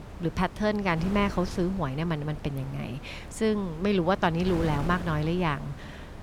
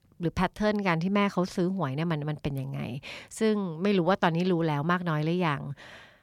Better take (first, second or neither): second